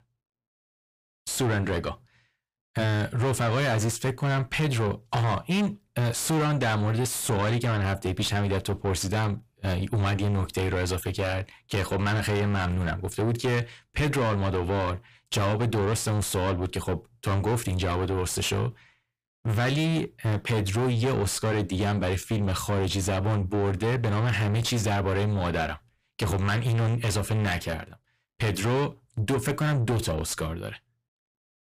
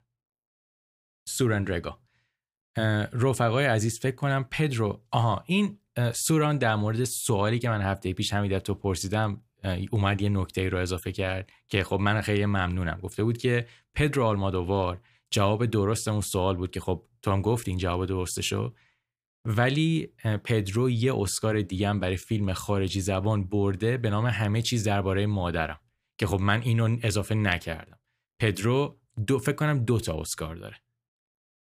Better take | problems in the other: second | distortion; heavy; 6 dB below the speech

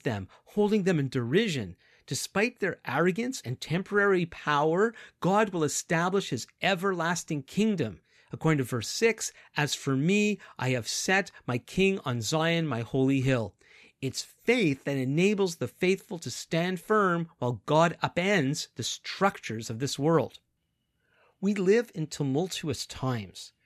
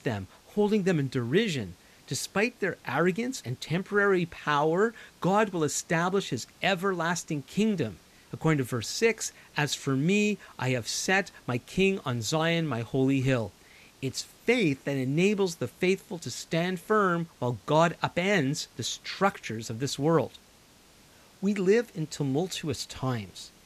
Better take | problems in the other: first | hiss; faint; throughout; 30 dB below the speech

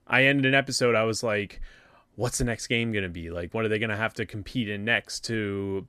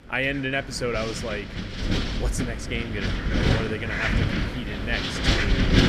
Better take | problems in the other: first | wind noise on the microphone; heavy; 1 dB above the speech

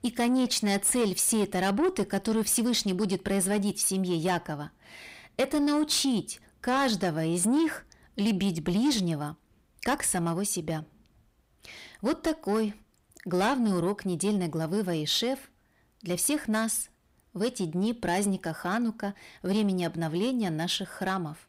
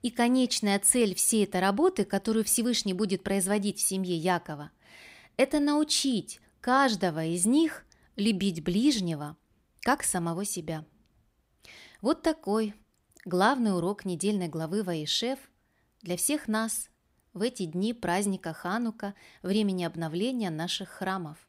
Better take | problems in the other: second | distortion; slight; 10 dB below the speech

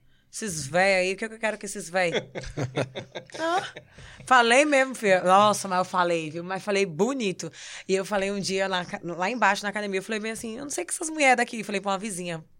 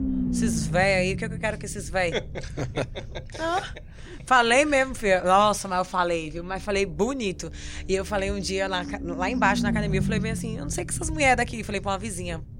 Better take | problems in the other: first | low rumble; noticeable; throughout; 15 dB below the speech

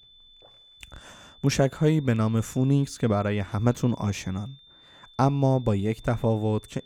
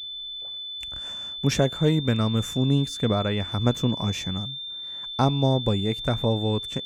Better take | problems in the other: first | high-pitched whine; loud; throughout; 3.5 kHz, 7 dB below the speech; faint in the first

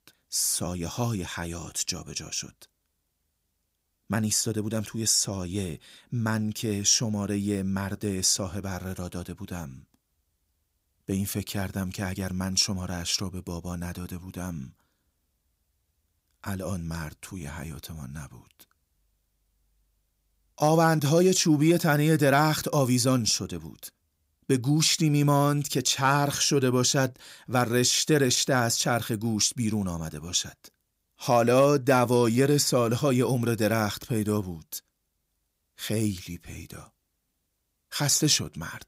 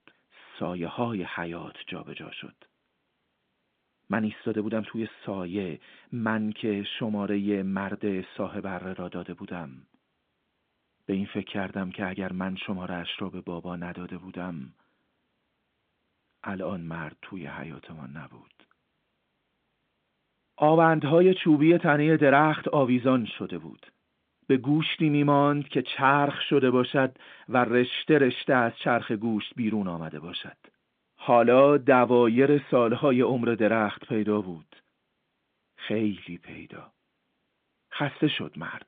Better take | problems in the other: first | phone-call audio

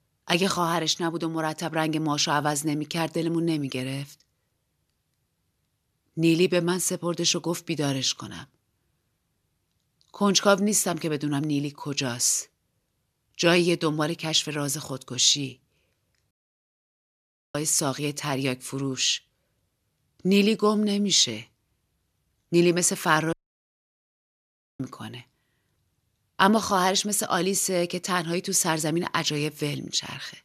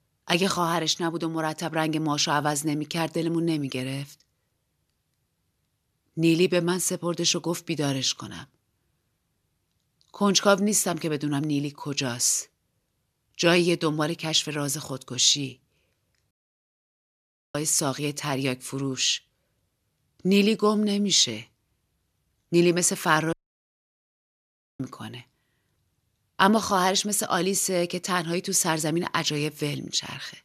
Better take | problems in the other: neither | audio cutting out; at 16 s for 1 s and at 23 s for 1.5 s; the same in both

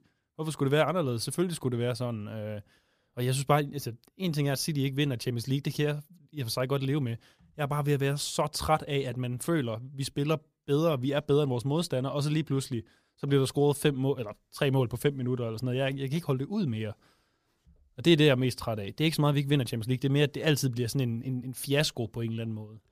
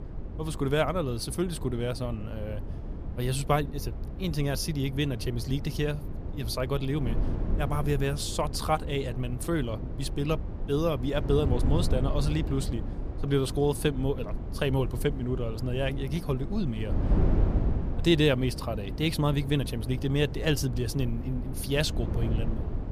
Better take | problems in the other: first | wind noise on the microphone; occasional gusts; 10 dB below the speech

